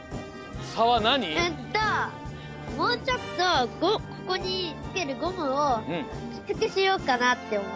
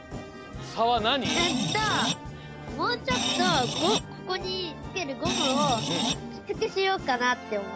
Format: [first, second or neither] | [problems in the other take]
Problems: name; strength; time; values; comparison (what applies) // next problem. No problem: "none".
first | background sound (Screech); as loud as the speech